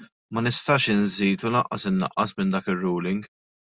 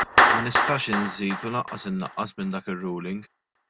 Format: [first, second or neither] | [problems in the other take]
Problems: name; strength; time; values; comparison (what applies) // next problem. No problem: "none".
first | background sound (Clapping); 4 dB above the speech